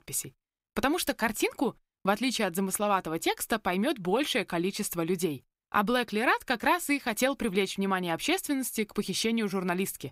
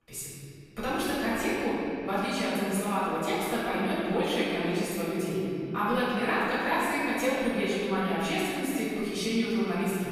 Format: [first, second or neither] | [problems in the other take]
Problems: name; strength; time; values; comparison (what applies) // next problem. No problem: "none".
first | off-mic speech; far // room echo; strong; dies away in 3 s